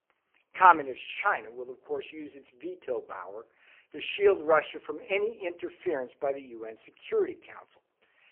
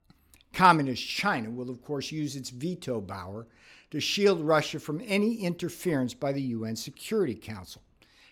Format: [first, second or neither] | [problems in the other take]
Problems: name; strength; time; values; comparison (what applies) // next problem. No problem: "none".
second | phone-call audio; poor line; nothing above 3 kHz